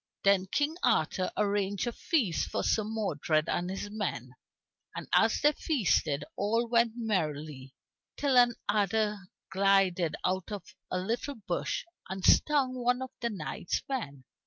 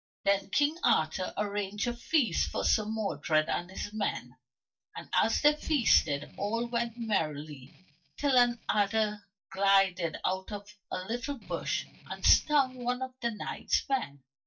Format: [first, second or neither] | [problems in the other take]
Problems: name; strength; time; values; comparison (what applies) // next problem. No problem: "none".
first | noise reduction (neural mask model DeepFilterNet 3)